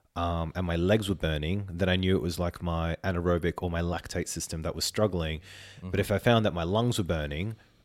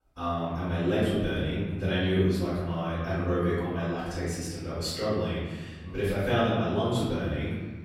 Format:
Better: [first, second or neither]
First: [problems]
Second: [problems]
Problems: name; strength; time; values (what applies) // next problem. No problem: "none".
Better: first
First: none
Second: off-mic speech; far // room echo; strong; dies away in 1.4 s